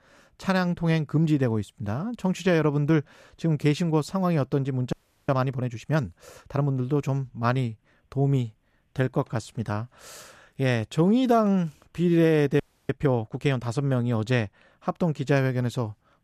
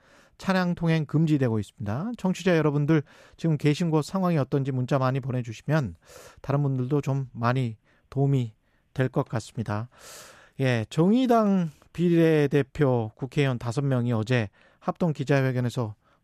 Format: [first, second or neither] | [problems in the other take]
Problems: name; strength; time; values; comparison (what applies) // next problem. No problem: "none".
second | audio freezing; at 5 s and at 13 s